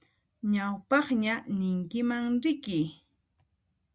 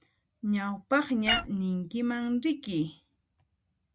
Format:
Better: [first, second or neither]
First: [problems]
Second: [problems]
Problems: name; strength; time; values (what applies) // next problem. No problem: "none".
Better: first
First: none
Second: background sound (Meow); 2 dB below the speech